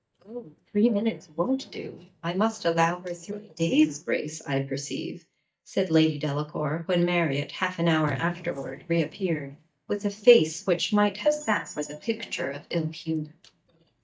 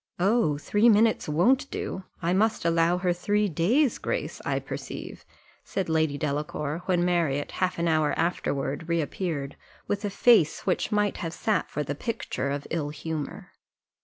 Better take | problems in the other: second | noise reduction (neural mask model DeepFilterNet 3)

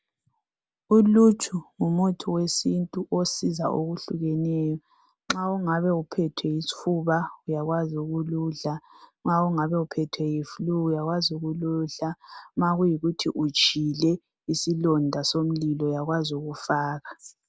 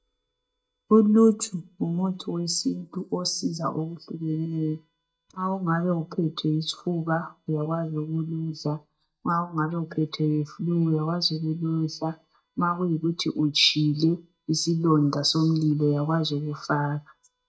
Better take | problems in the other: first | noise reduction (neural mask model DeepFilterNet 3)

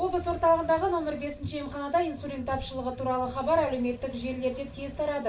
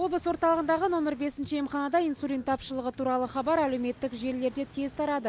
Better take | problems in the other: second | room echo; dies away in 0.3 s

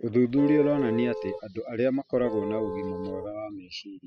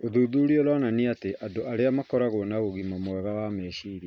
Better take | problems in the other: second | noise reduction (classical method spectral subtraction)

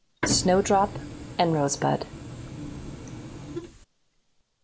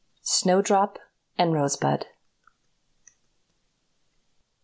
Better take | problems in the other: second | background sound (Printer); 7 dB below the speech

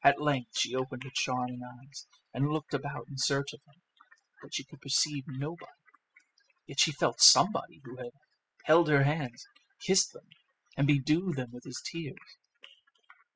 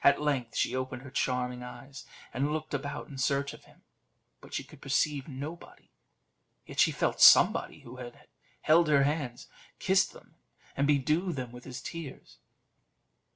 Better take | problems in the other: second | noise reduction (classical method spectral subtraction)

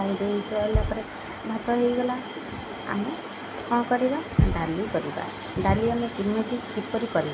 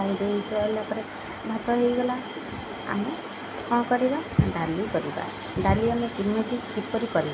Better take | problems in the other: second | background sound (Bass drum); 6 dB below the speech

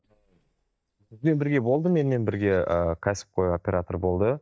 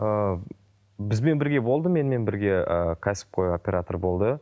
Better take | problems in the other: second | noise reduction (neural mask model DeepFilterNet 3)

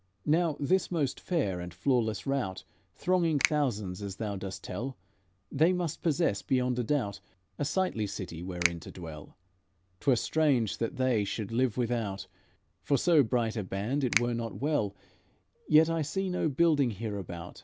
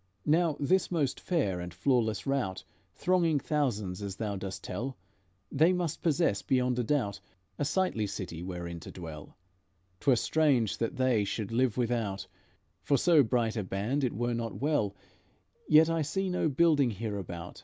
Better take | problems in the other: second | background sound (Finger snapping); 11 dB below the speech

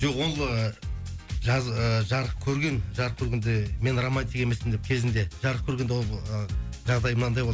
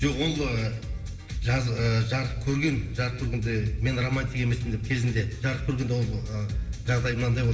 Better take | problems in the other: first | room echo; dies away in 2.9 s

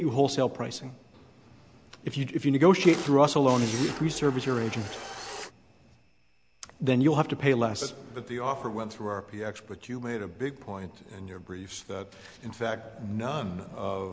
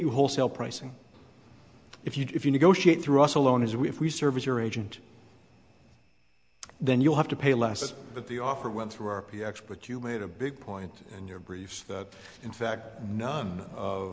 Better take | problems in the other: second | background sound (Camera); 11 dB below the speech

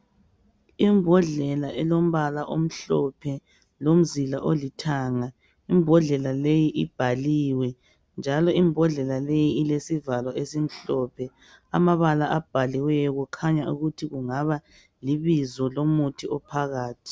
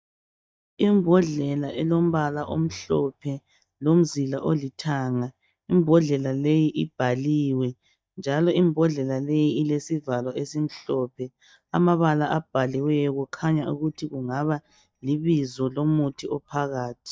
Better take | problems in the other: first | noise reduction (neural mask model DeepFilterNet 3)

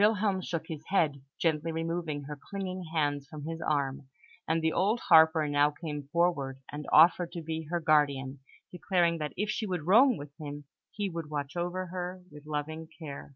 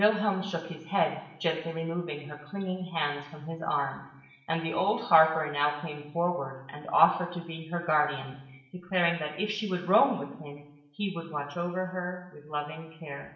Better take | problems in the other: first | room echo; dies away in 0.8 s

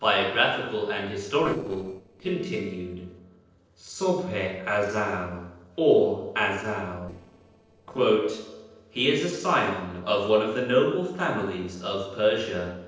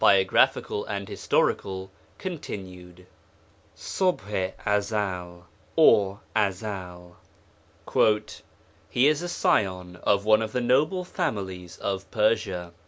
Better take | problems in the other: second | noise reduction (neural separator model SepFormer DNS4)

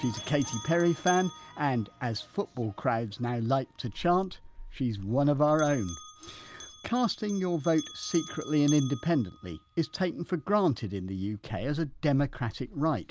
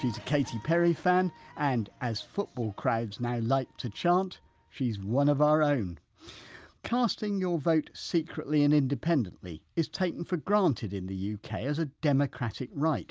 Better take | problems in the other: second | background sound (Bell); 17 dB below the speech

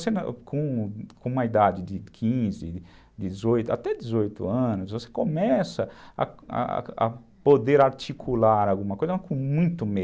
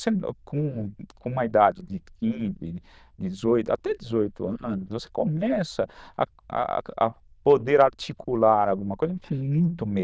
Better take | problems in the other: first | noise reduction (neural diffusion model UNIVERSE++)

